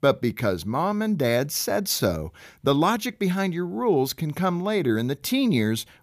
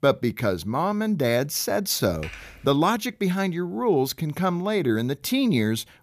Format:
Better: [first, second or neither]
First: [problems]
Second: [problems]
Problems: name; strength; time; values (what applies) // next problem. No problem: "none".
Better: first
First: none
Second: keyboard typing; faint; at 2 s; peak 15 dB below the speech